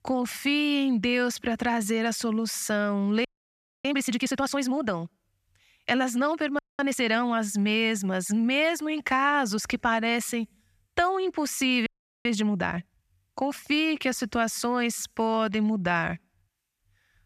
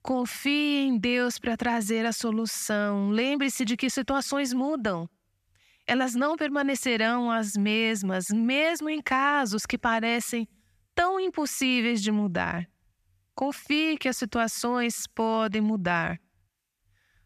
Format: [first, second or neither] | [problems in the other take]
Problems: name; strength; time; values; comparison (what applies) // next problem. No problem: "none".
second | audio freezing; at 3.5 s for 0.5 s, at 6.5 s and at 12 s